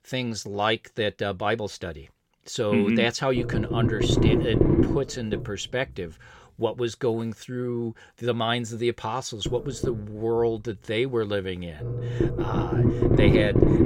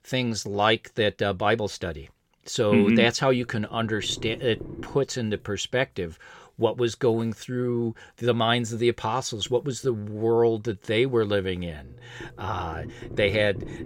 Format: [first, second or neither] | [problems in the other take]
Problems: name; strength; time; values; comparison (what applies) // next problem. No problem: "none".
second | low rumble; loud; from 3.5 to 7 s and from 9.5 s on; as loud as the speech; faint in the second